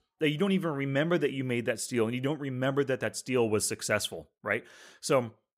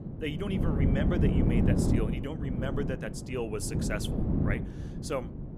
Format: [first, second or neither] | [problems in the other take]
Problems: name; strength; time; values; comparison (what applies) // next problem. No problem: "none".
first | wind noise on the microphone; heavy; 1 dB below the speech